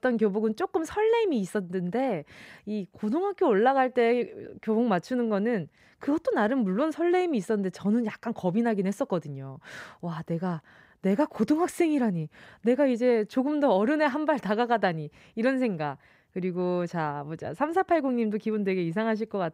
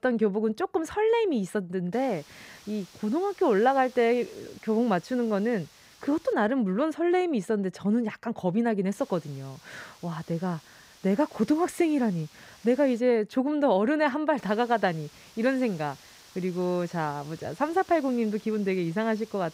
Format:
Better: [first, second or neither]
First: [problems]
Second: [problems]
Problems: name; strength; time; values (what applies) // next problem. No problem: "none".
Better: first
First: none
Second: hiss; faint; from 2 to 6.5 s, from 9 to 13 s and from 14 s on; 25 dB below the speech